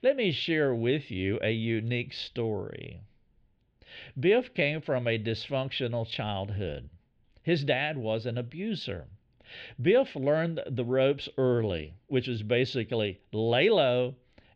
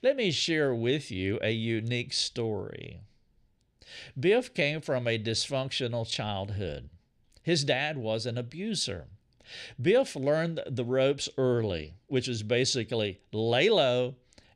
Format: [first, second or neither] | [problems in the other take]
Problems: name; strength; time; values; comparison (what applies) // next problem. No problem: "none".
second | muffled; slightly; fading above 3 kHz